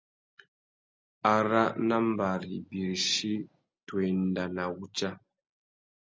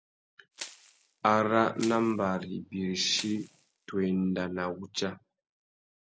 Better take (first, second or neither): first